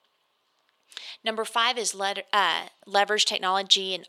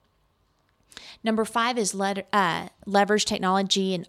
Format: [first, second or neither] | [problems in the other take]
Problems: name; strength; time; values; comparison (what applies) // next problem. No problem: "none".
second | thin; somewhat; fading below 450 Hz